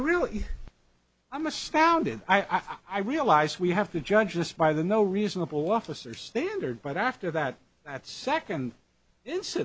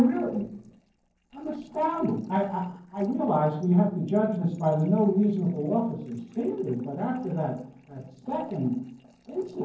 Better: first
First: none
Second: noise reduction (neural separator model SepFormer DNS4)

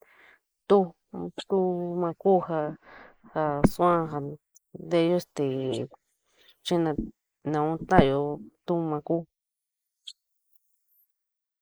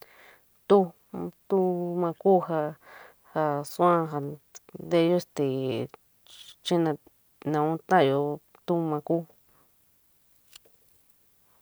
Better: second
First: noise reduction (neural mask model Resemble Enhance denoiser)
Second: none

